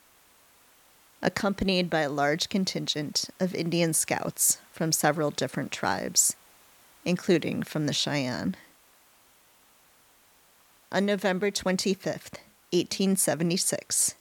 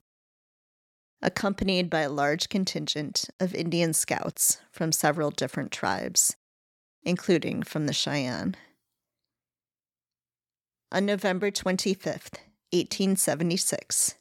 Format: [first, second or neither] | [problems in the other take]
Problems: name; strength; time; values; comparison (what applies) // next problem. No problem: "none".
second | hiss; faint; throughout; 30 dB below the speech